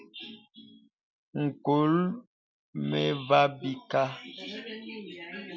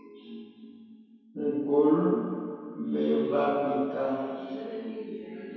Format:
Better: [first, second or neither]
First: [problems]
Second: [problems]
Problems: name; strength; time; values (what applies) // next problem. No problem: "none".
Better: first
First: none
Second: room echo; dies away in 2.2 s